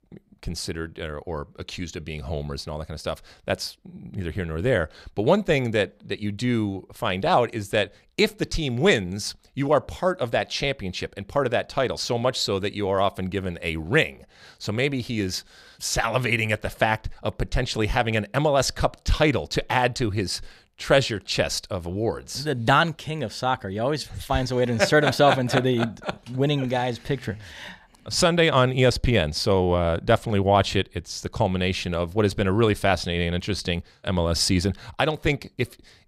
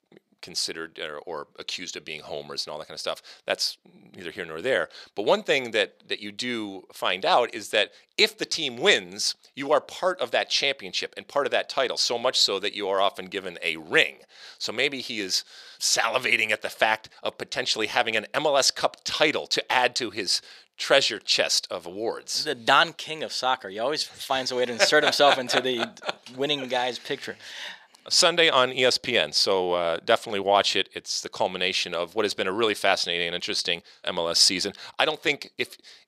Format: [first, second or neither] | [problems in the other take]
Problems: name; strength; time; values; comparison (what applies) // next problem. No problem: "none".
first | thin; somewhat; fading below 400 Hz